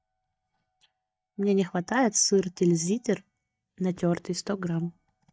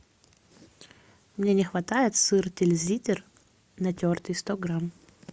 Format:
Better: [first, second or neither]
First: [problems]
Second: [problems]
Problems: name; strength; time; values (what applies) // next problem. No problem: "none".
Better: second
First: noise reduction (neural mask model DeepFilterNet 3)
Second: none